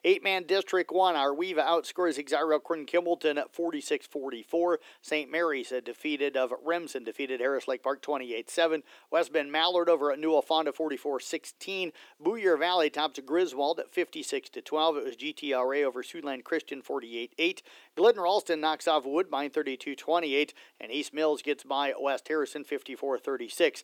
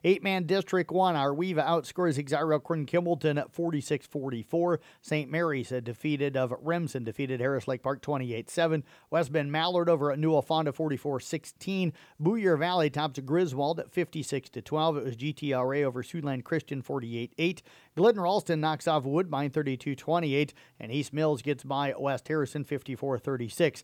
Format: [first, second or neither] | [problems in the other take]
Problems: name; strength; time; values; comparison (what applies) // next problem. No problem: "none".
second | thin; somewhat; fading below 300 Hz